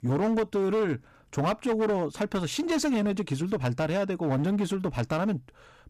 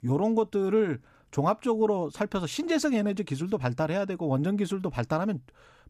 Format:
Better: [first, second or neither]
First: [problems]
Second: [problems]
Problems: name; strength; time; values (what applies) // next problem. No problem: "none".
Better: second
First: distortion; slight; 14% of the sound clipped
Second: none